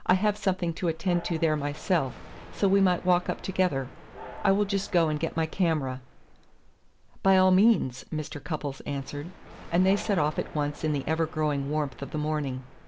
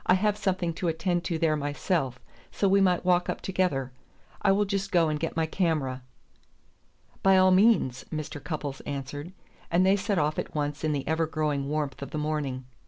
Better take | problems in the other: second | background sound (Thunder + Train); 20 dB below the speech

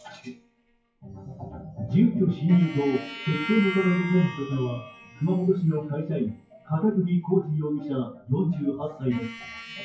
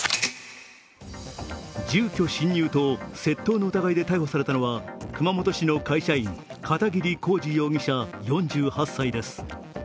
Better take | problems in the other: second | noise reduction (classical method WPE with log-MMSE)

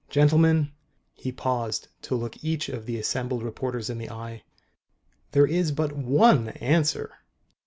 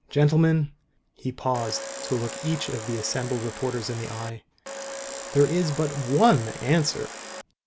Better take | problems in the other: first | background sound (Domestic sounds, home sounds); 11 dB below the speech

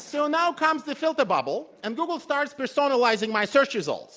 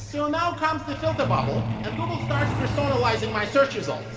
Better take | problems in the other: first | background sound (Truck); 3 dB below the speech // room echo; dies away in 2.4 s

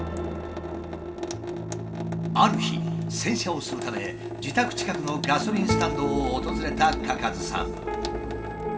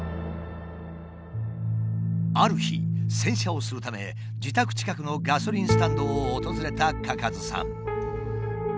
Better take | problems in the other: second | background sound (Sink (filling or washing) / Water tap, faucet); 8 dB below the speech // room echo; dies away in 2.6 s

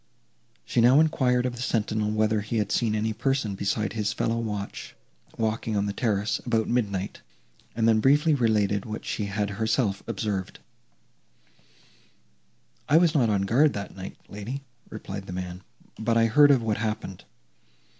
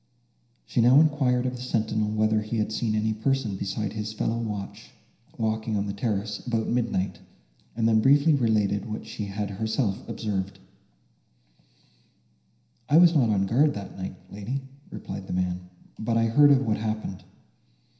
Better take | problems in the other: first | room echo; dies away in 0.9 s

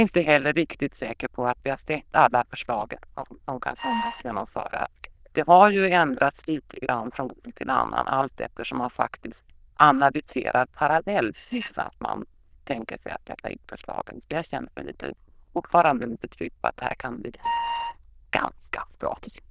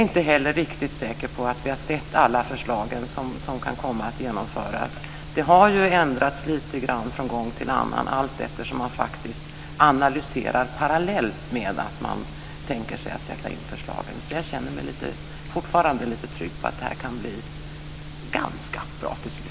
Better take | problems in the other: second | noise reduction (neural diffusion model UNIVERSE++)

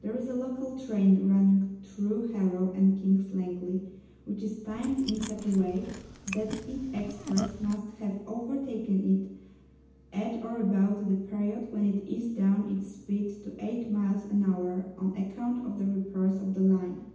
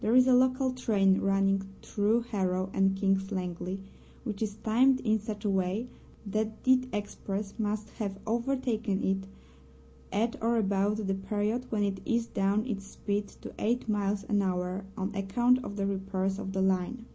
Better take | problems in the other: second | background sound (Chewing, mastication); 11 dB below the speech // room echo; dies away in 0.9 s

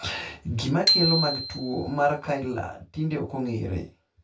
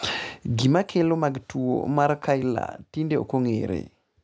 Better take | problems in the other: second | background sound (Bicycle bell); 2 dB below the speech // room echo; dies away in 0.2 s

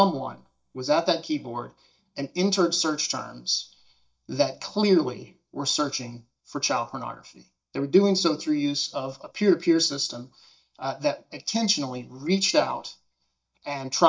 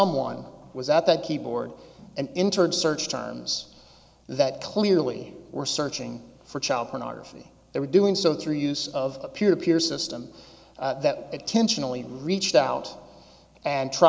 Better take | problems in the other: second | noise reduction (neural mask model DeepFilterNet 3)

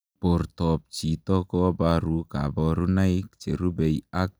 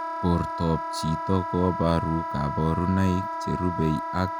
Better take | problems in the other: first | background sound (Wind instrument, woodwind instrument); 5 dB below the speech

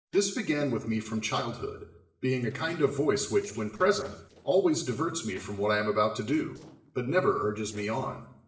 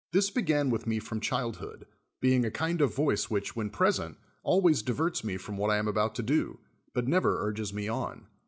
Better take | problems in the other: second | noise reduction (neural separator model SepFormer DNS4)

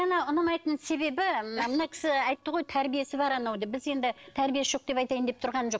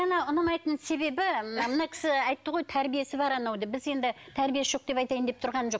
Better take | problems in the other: second | noise reduction (neural separator model SepFormer DNS4)

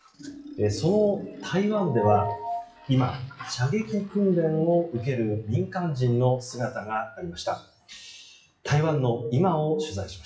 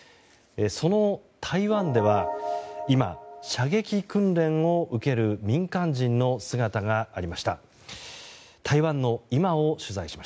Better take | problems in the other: second | noise reduction (classical method WPE with log-MMSE)

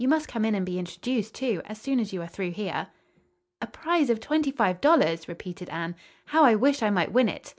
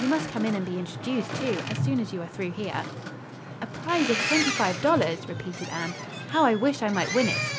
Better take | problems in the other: first | background sound (Boat, Water vehicle); 5 dB below the speech

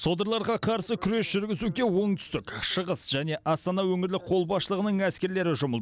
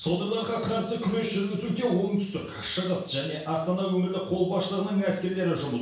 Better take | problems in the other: first | room echo; dies away in 0.7 s

